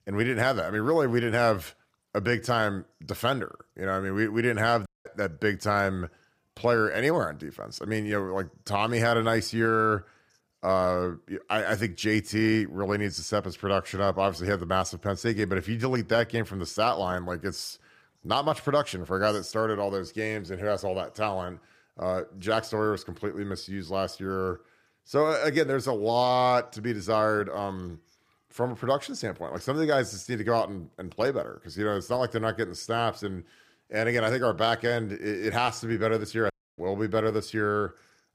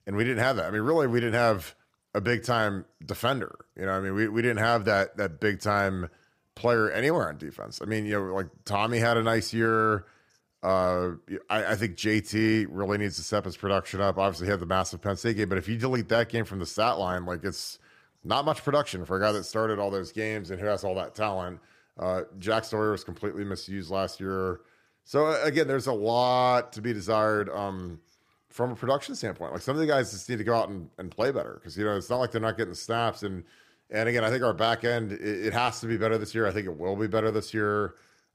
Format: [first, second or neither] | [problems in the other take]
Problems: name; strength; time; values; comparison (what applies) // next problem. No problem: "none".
second | audio cutting out; at 5 s and at 37 s